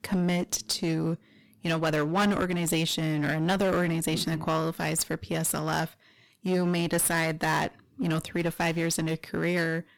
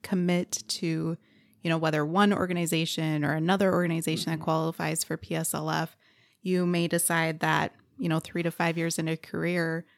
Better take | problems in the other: second | distortion; heavy; 12% of the sound clipped

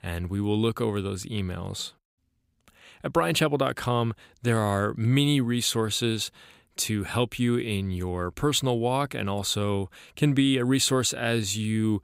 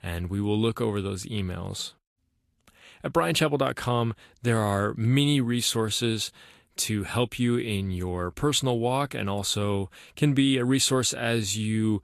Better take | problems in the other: first | garbled, watery; slightly; nothing above 12.5 kHz

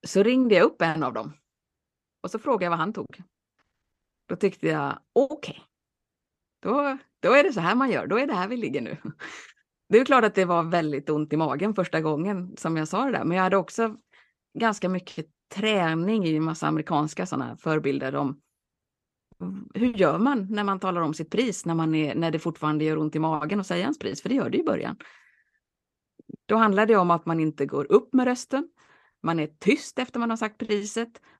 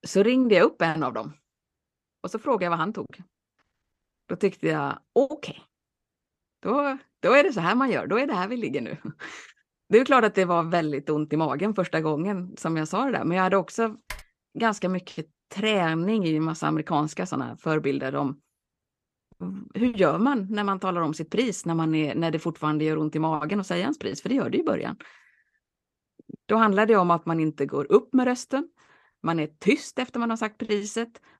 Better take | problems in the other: first | keyboard typing; faint; at 14 s; peak 15 dB below the speech

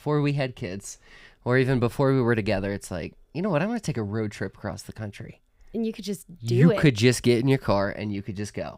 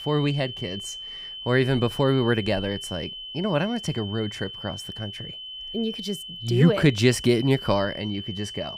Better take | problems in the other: first | high-pitched whine; noticeable; throughout; 3 kHz, 10 dB below the speech

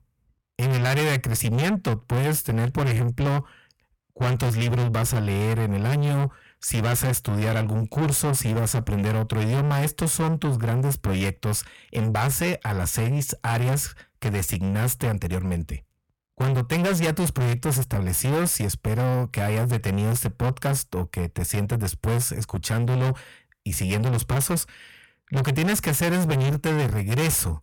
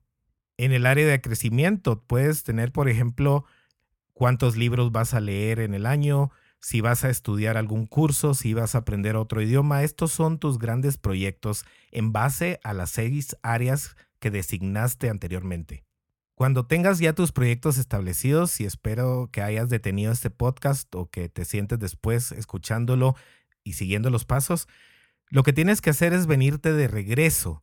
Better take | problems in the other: second | distortion; heavy; 6 dB below the speech

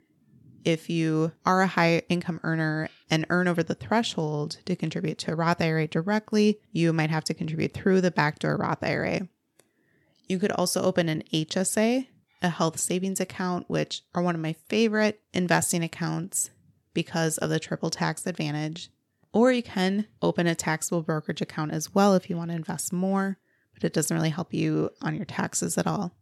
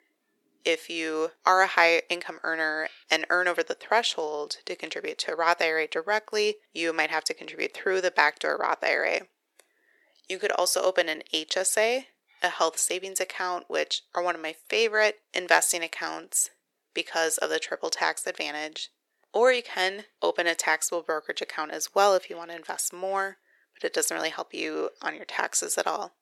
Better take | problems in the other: first | thin; very; fading below 450 Hz

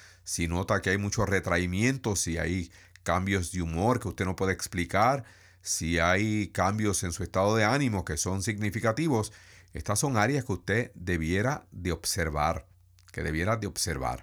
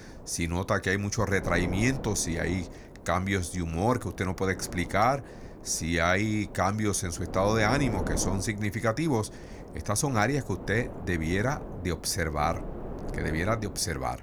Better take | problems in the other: first | wind noise on the microphone; occasional gusts; 15 dB below the speech

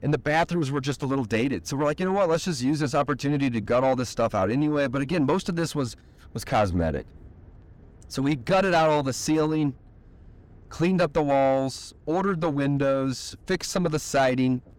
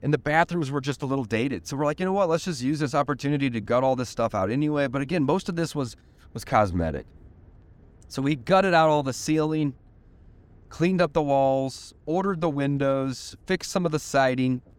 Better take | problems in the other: second | distortion; slight; 10 dB below the speech

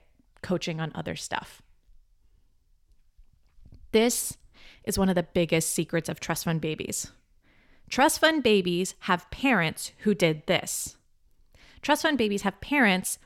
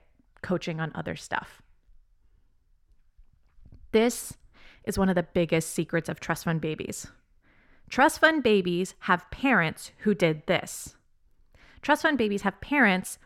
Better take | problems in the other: first | muffled; very slightly; fading above 2.5 kHz

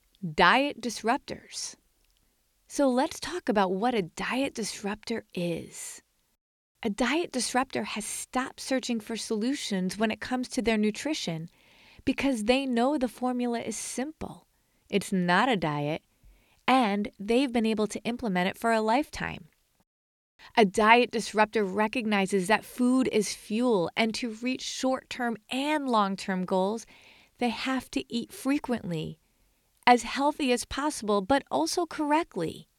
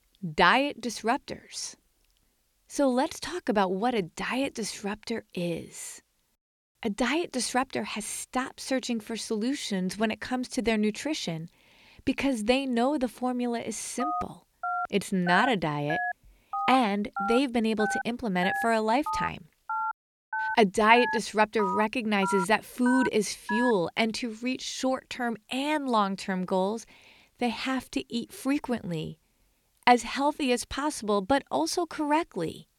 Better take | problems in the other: first | phone ringing; noticeable; from 14 to 24 s; peak 3 dB below the speech

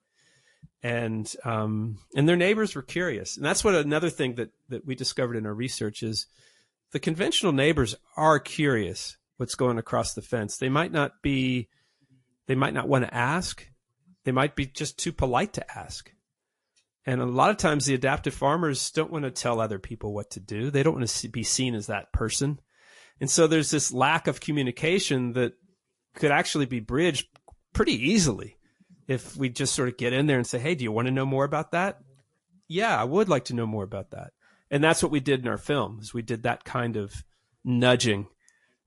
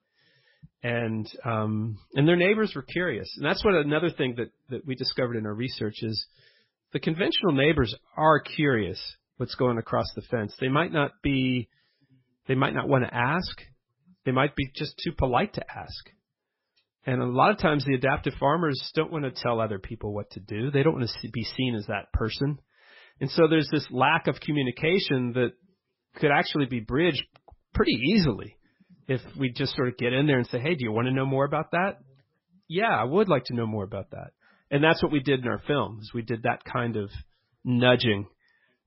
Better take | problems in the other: first | garbled, watery; badly; nothing above 5.5 kHz; slightly in the first

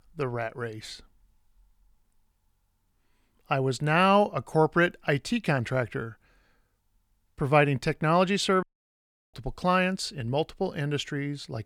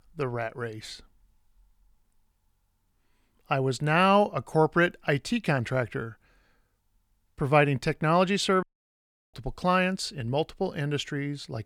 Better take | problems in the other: neither | audio cutting out; at 8.5 s for 0.5 s; the same in both

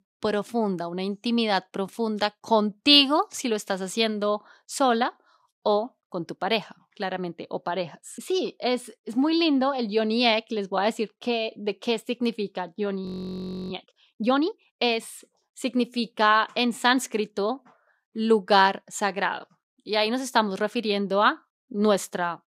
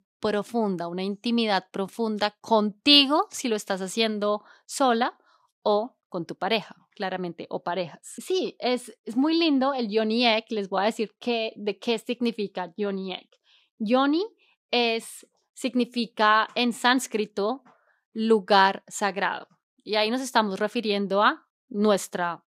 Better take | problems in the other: second | audio freezing; at 13 s for 0.5 s

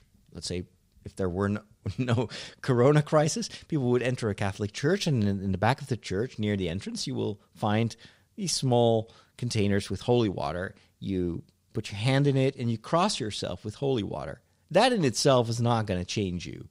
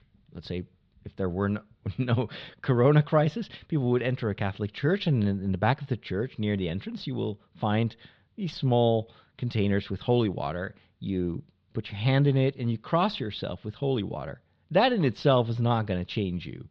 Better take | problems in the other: first | muffled; slightly; fading above 4 kHz

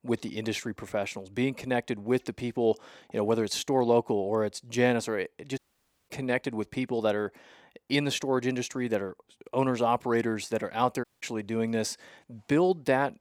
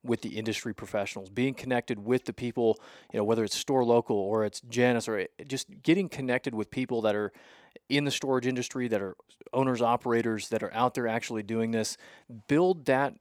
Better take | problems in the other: second | audio cutting out; at 5.5 s for 0.5 s and at 11 s

